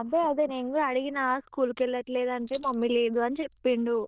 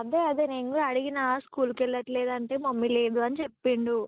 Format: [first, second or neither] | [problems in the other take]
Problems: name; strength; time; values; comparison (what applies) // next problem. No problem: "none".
second | noise reduction (neural diffusion model UNIVERSE++)